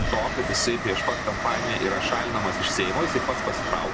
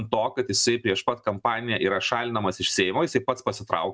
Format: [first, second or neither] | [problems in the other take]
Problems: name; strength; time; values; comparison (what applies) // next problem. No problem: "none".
second | background sound (Train); as loud as the speech